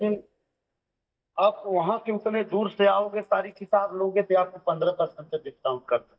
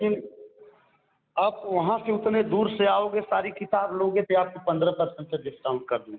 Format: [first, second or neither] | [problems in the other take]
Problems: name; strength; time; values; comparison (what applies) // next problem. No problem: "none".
second | noise reduction (neural mask model DeepFilterNet 3)